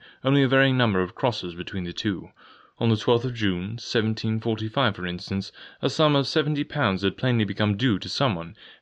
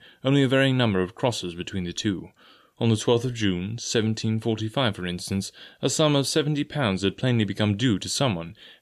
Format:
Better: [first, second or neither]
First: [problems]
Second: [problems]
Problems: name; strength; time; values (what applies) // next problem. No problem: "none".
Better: second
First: muffled; very slightly; fading above 4.5 kHz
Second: none